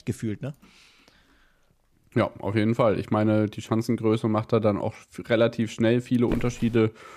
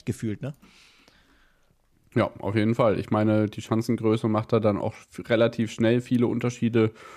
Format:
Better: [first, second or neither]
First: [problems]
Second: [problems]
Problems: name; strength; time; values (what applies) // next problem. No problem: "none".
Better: second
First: footsteps; noticeable; at 6.5 s; peak 10 dB below the speech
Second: none